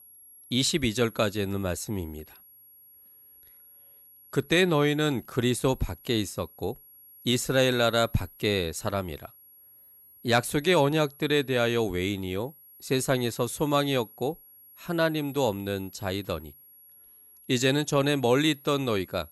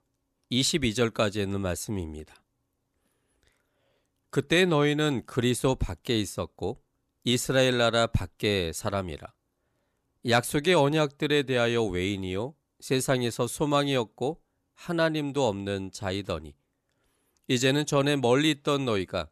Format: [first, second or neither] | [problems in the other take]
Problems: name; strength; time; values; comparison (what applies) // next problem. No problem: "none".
second | high-pitched whine; faint; throughout; 11.5 kHz, 25 dB below the speech